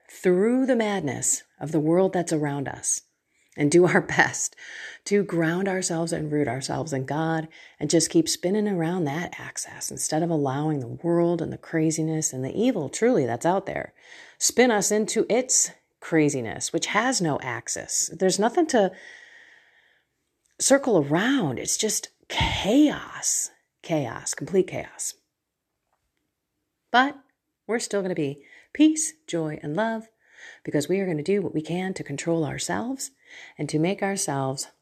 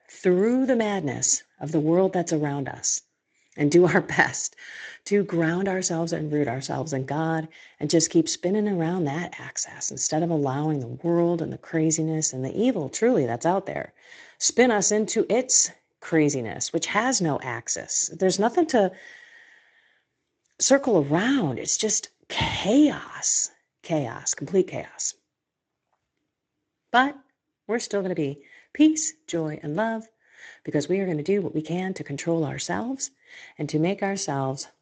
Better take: first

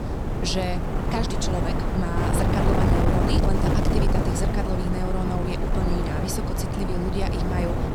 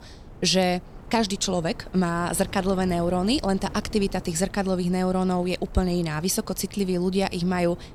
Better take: second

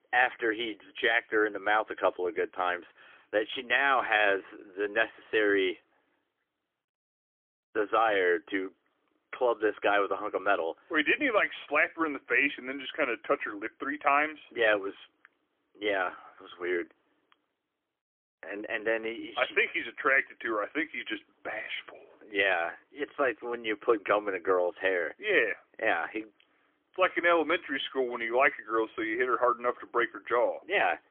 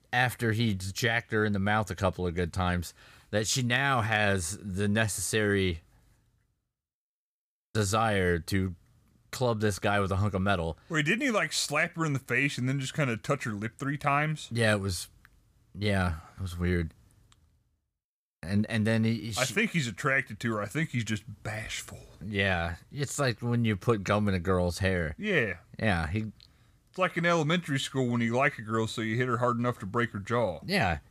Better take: second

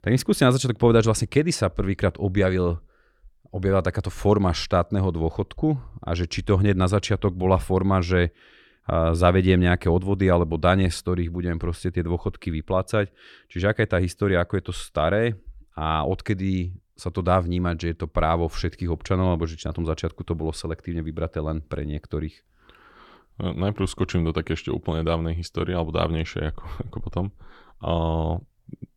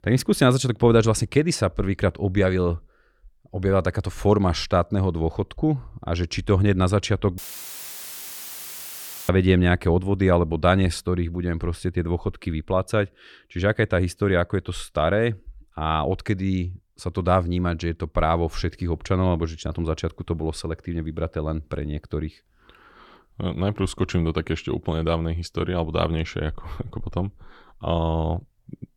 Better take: first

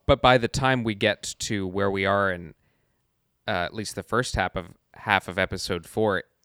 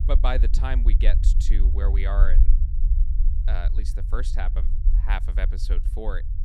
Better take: first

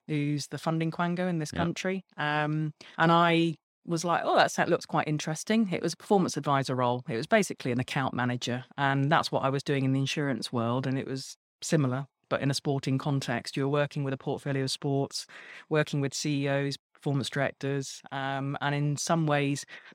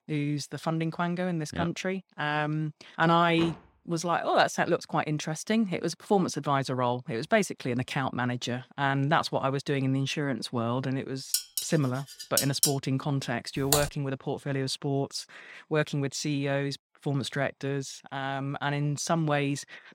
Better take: first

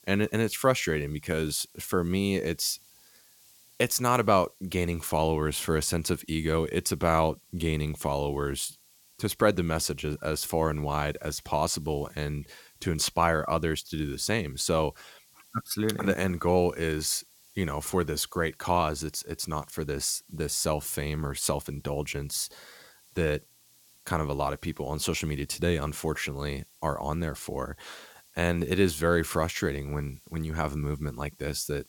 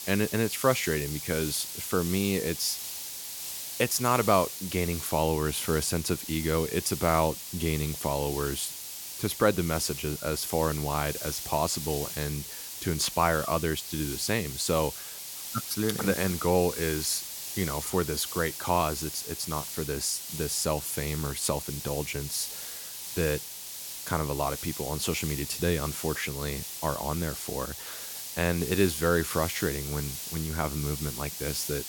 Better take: first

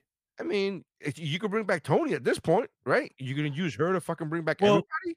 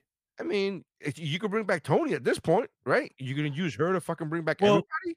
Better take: neither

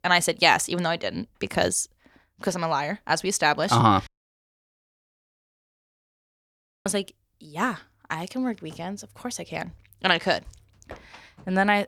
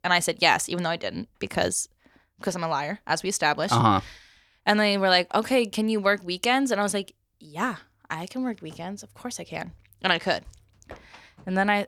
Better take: second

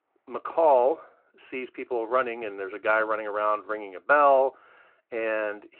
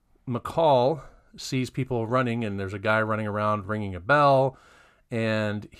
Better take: second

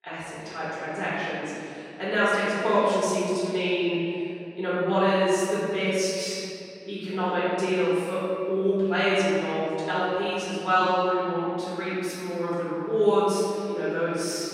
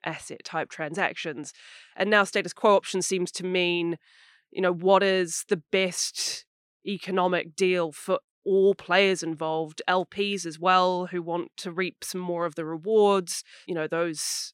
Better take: second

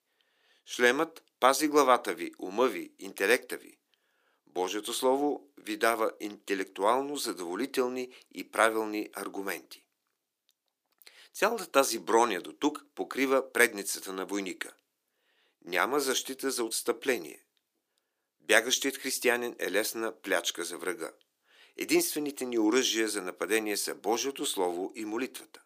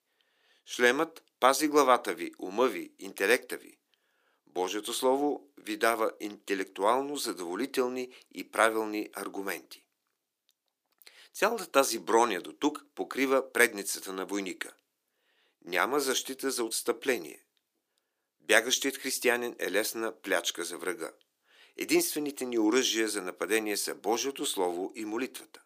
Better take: neither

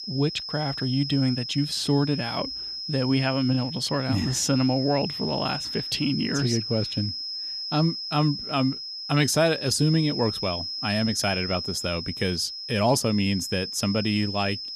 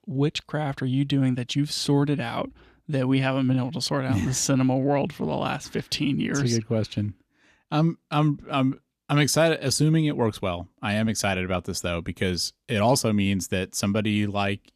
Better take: second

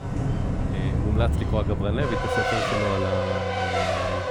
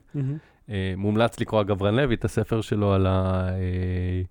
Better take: second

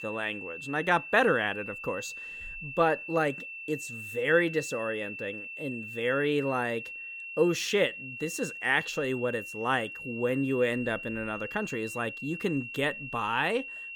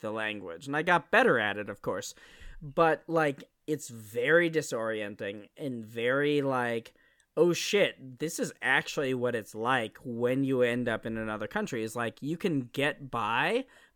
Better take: second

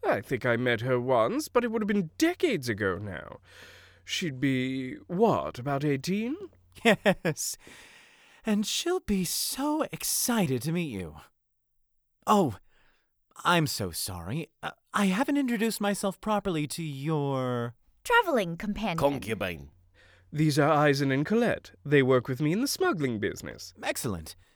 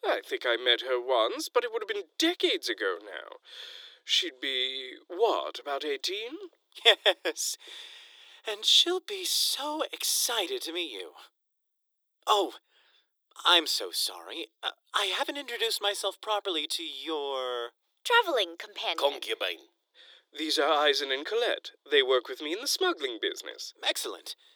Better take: first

